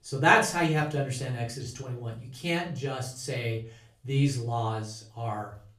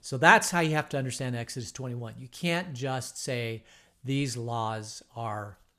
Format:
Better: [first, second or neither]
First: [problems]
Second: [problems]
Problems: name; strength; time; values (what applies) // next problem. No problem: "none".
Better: second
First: off-mic speech; far // room echo; slight; dies away in 0.3 s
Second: none